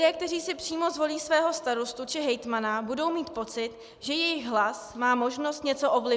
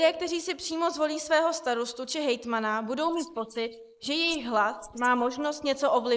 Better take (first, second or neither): first